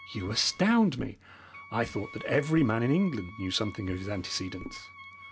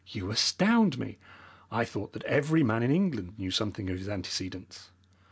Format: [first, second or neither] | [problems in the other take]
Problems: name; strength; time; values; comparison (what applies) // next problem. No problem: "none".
second | background sound (Drawer open or close + Wind instrument, woodwind instrument); 17 dB below the speech